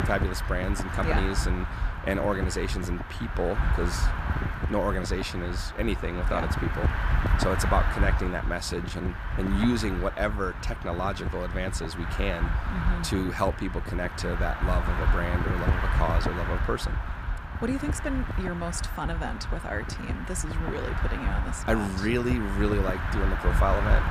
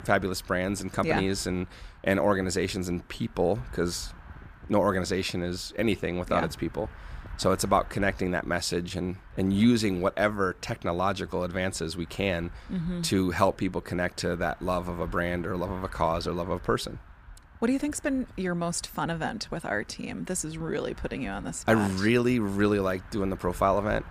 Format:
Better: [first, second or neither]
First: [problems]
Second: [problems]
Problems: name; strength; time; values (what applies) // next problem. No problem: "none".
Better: second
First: wind noise on the microphone; heavy; 2 dB below the speech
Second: wind noise on the microphone; occasional gusts; 25 dB below the speech